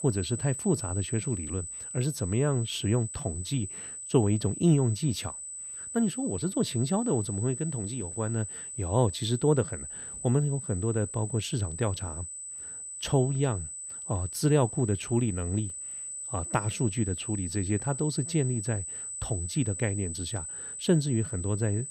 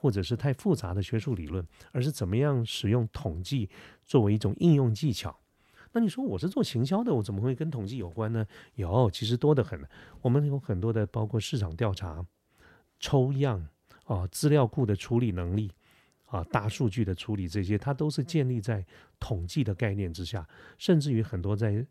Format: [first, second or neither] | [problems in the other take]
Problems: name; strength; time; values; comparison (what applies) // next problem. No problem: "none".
second | high-pitched whine; loud; throughout; 8 kHz, 7 dB below the speech